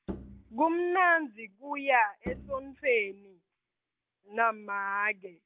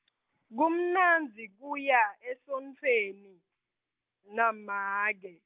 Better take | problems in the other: second | background sound (Bowed string instrument); 15 dB below the speech

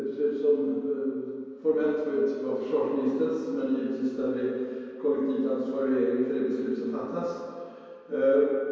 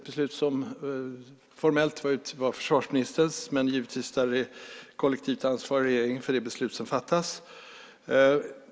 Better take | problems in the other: second | room echo; dies away in 2.2 s

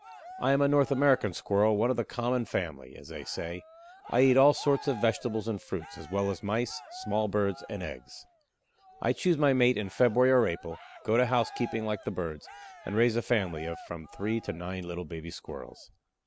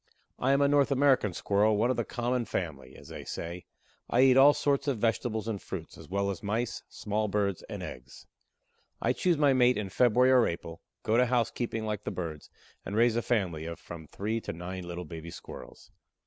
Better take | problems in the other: second | background sound (Cheering); 20 dB below the speech

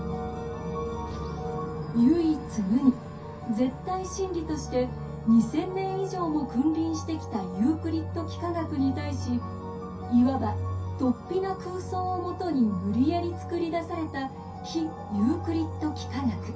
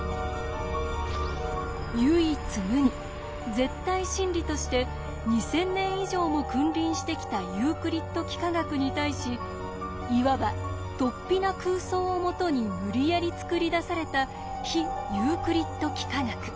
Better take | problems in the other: second | room echo; dies away in 0.3 s

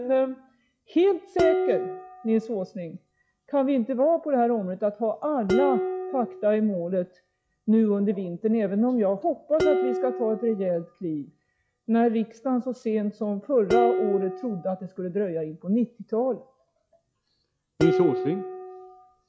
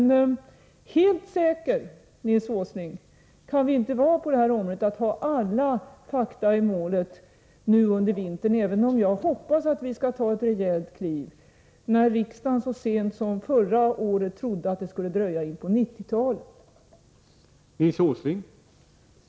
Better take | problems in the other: second | noise reduction (classical method log-MMSE)

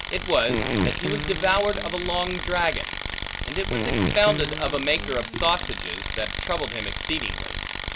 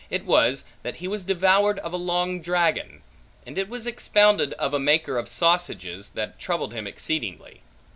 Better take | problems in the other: second | background sound (Fart + Tools); 2 dB below the speech

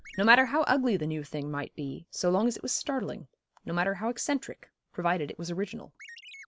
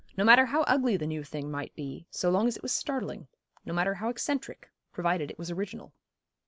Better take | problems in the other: second | background sound (Chirp, tweet); 17 dB below the speech

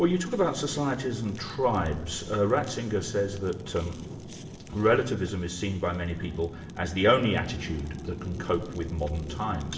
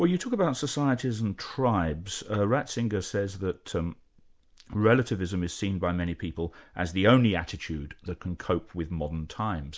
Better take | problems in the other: second | background sound (Fire); 13 dB below the speech // room echo; dies away in 0.9 s

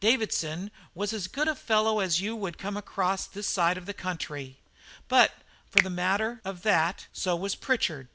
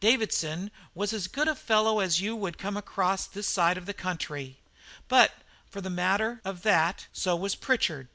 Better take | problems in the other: second | background sound (Finger snapping); 6 dB below the speech

